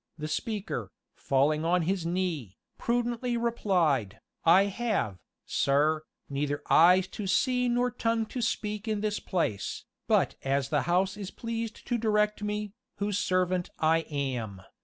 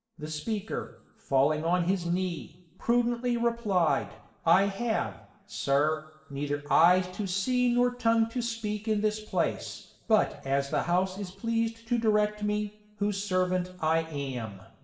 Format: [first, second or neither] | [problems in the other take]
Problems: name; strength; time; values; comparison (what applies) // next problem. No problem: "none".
first | room echo; dies away in 0.7 s